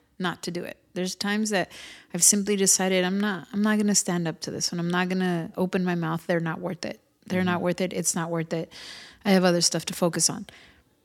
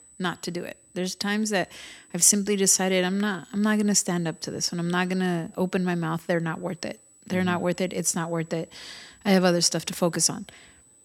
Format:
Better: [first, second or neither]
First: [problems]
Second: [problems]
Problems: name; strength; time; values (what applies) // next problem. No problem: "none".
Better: first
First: none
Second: high-pitched whine; faint; throughout; 8 kHz, 30 dB below the speech